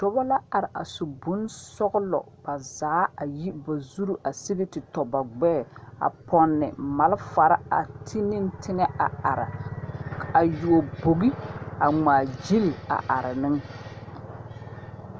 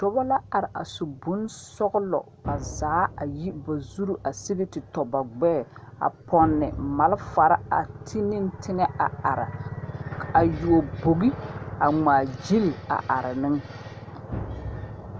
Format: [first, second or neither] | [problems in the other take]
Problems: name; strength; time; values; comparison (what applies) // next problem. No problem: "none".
first | background sound (Drum); 14 dB below the speech